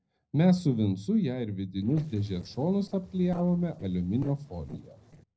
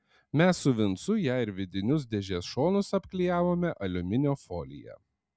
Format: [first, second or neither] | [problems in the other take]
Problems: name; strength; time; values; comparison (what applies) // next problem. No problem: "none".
second | noise reduction (neural separator model SepFormer DNS4)